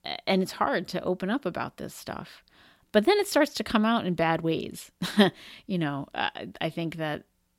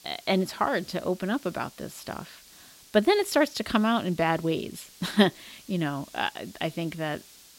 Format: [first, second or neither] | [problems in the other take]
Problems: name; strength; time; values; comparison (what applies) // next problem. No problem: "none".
first | hiss; faint; throughout; 20 dB below the speech